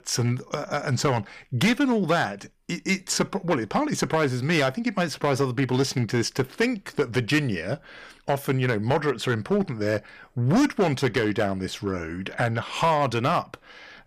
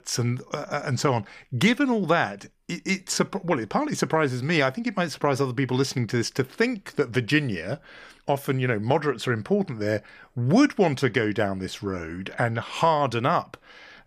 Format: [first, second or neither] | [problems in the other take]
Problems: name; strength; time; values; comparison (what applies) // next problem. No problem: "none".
second | distortion; slight; 4% of the sound clipped